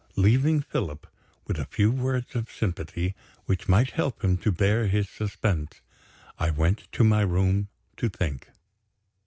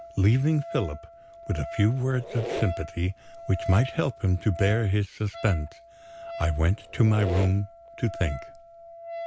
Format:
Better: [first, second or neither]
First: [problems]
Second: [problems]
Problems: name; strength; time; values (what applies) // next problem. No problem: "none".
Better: first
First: none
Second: background sound (Squeak + Wind instrument, woodwind instrument); 12 dB below the speech